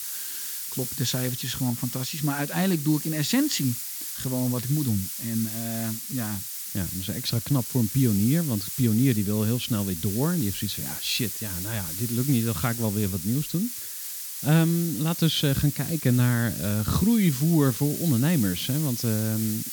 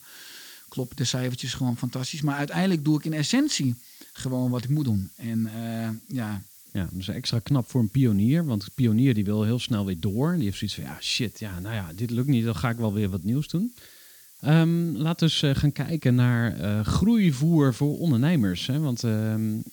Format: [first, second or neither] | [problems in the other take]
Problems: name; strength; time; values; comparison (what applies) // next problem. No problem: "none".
second | hiss; loud; throughout; 5 dB below the speech; faint in the second